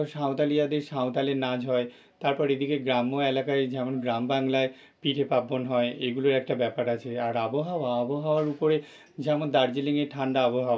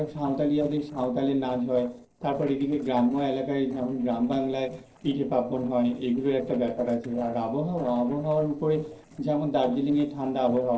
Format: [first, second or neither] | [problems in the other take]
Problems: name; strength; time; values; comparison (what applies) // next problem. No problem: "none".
first | noise reduction (neural separator model SepFormer DNS4)